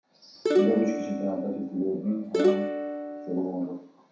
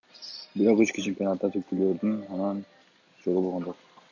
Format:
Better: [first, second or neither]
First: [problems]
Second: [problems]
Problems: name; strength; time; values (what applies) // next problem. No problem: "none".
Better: second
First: background sound (Plucked string instrument); 1 dB above the speech // room echo; dies away in 0.7 s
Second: none